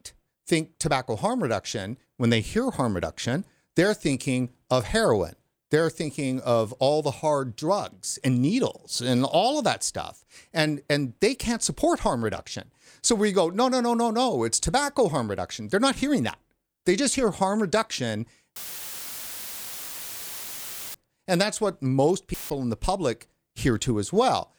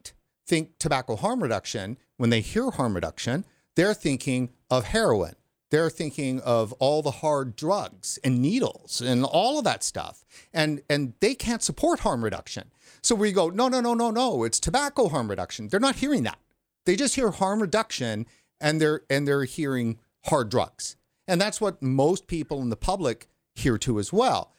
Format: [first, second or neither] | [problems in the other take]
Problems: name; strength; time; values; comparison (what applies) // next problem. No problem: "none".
second | audio cutting out; filled with static; at 19 s for 2.5 s and at 22 s